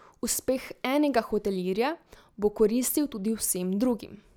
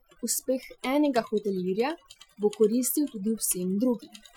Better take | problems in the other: first | noise reduction (classical method Wiener filter)

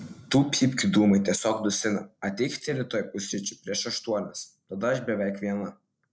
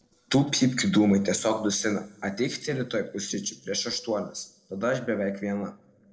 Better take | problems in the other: first | noise reduction (neural separator model SepFormer DNS4)

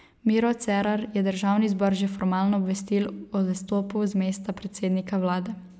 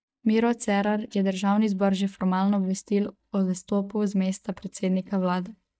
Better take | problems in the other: first | noise reduction (neural mask model DeepFilterNet 3)

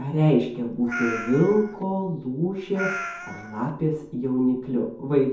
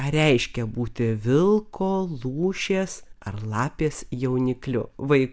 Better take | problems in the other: second | background sound (Meow); 10 dB below the speech // room echo; dies away in 0.6 s

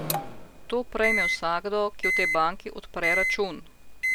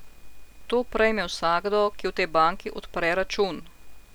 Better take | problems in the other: second | background sound (Microwave oven); as loud as the speech

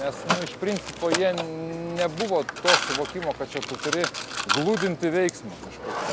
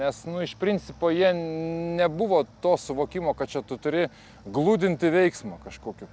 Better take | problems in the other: second | background sound (Mechanisms); 3 dB below the speech

